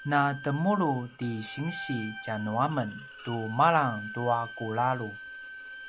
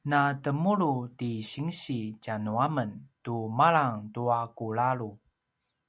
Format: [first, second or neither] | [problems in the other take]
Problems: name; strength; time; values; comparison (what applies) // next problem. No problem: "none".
second | background sound (Bowed string instrument + Organ); 13 dB below the speech